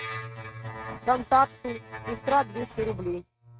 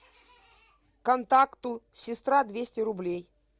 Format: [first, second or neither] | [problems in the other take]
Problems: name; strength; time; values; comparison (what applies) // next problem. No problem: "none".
second | noise reduction (neural mask model RNNoise)